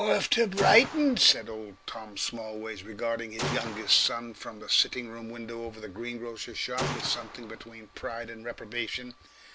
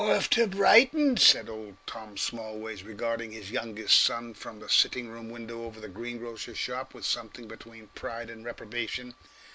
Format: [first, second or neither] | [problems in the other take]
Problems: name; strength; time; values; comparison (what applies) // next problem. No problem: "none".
second | background sound (Gunshot, gunfire); 10 dB below the speech